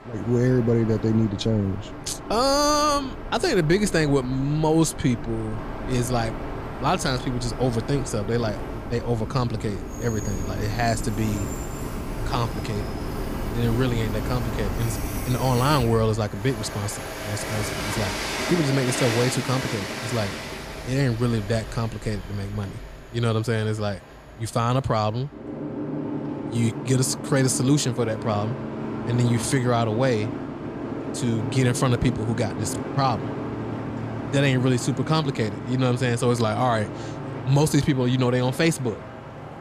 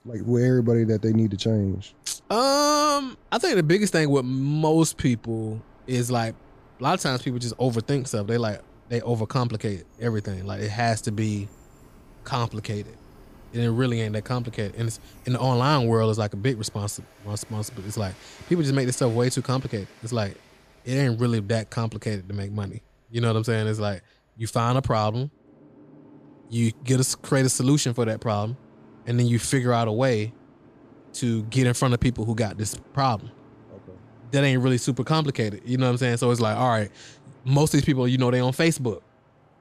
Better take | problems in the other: second | train or aircraft noise; loud; throughout; 8 dB below the speech; faint in the second

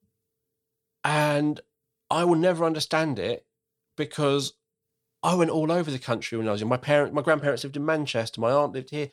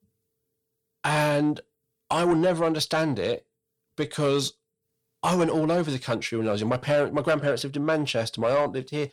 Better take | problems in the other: first | distortion; slight; 10 dB below the speech

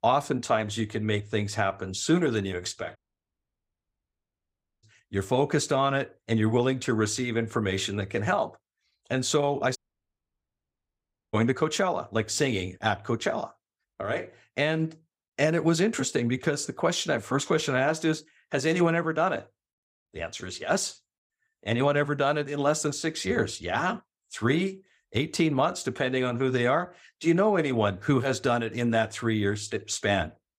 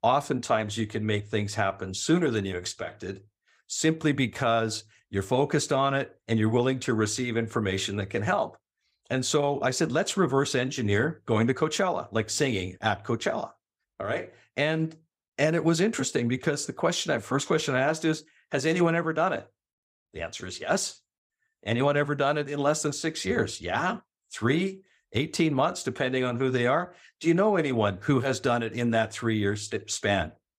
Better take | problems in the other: second | audio cutting out; at 3 s for 2 s and at 10 s for 1.5 s

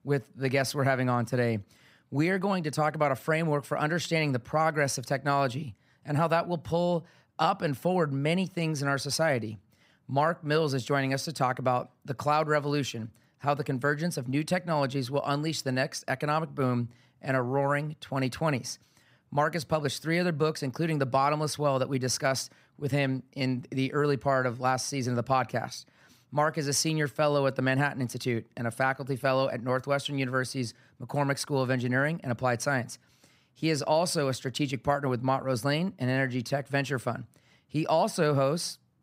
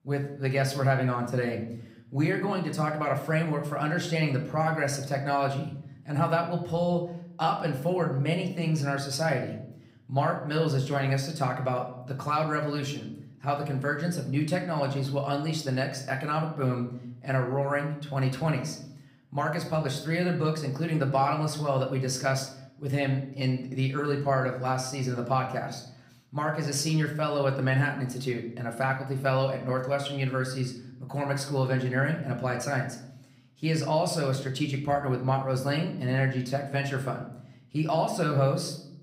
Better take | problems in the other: first | room echo; slight; dies away in 0.6 s // off-mic speech; somewhat distant

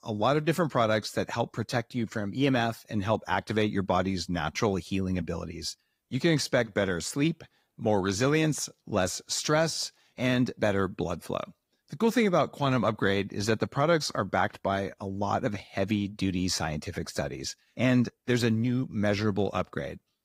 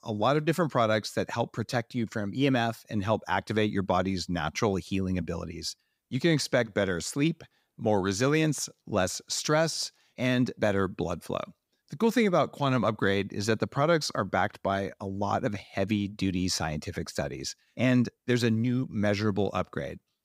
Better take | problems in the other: second | garbled, watery; slightly; nothing above 15.5 kHz

